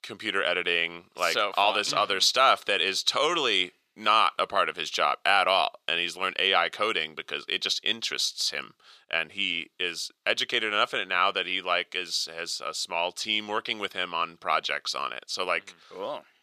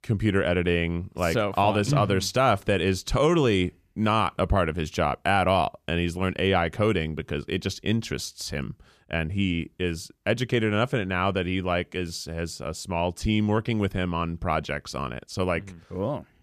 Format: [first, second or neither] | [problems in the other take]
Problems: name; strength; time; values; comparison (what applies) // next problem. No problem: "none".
second | thin; very; fading below 550 Hz